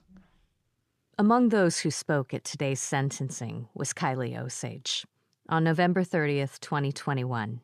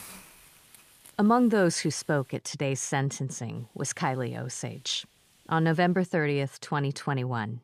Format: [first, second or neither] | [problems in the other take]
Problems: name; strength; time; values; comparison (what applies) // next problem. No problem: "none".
first | hiss; faint; until 2.5 s and from 3.5 to 6 s; 25 dB below the speech